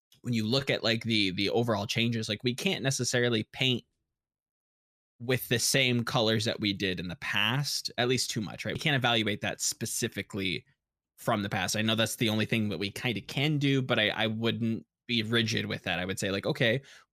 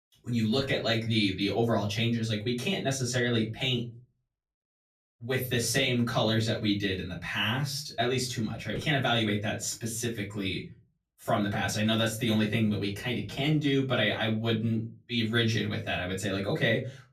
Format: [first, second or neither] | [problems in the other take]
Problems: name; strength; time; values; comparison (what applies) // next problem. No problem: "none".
first | off-mic speech; far // room echo; very slight; dies away in 0.3 s